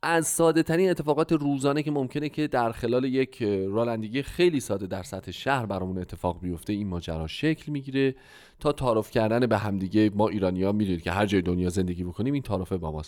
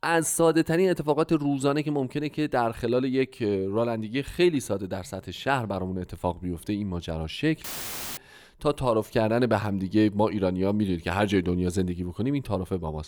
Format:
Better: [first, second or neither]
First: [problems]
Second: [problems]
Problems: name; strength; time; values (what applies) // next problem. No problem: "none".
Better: first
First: none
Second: audio cutting out; filled with static; at 7.5 s for 0.5 s